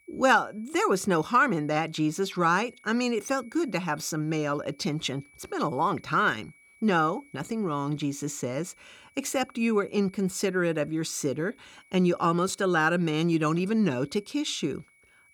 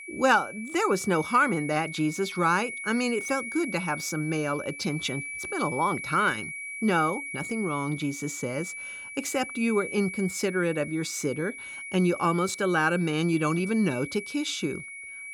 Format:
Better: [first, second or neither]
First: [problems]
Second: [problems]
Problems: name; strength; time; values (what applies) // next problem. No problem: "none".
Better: first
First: high-pitched whine; faint; throughout; 2 kHz, 30 dB below the speech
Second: high-pitched whine; loud; throughout; 2 kHz, 9 dB below the speech